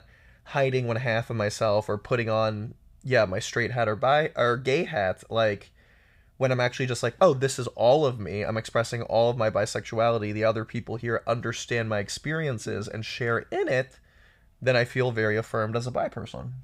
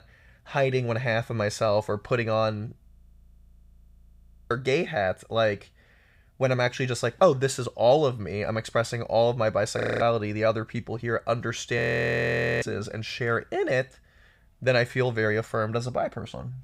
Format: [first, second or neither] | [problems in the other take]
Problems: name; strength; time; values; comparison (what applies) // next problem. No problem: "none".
first | audio freezing; at 3 s for 1.5 s, at 10 s and at 12 s for 1 s